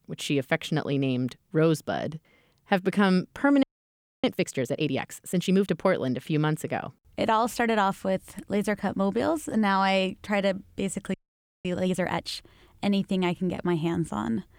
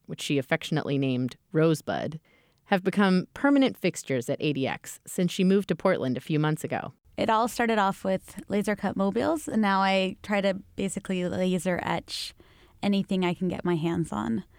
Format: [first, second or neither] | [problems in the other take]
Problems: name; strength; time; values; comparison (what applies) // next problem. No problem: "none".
second | audio freezing; at 3.5 s for 0.5 s and at 11 s for 0.5 s